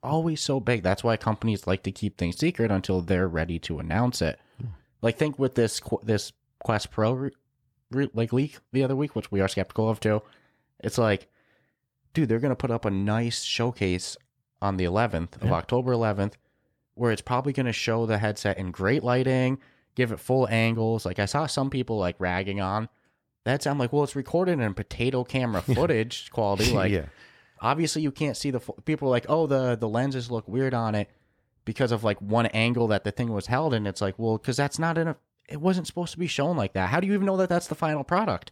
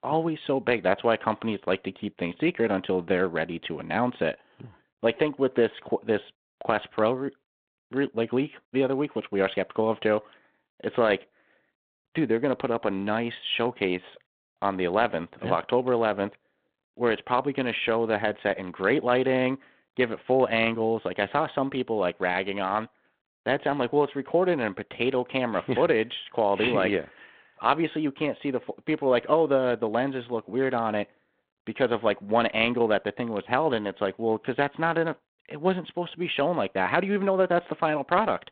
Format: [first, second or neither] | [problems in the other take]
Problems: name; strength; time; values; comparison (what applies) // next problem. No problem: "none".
first | phone-call audio